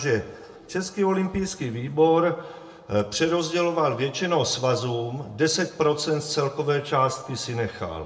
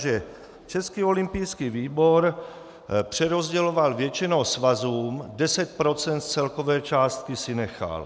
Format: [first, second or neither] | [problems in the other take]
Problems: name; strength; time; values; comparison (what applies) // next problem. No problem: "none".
second | room echo; dies away in 0.5 s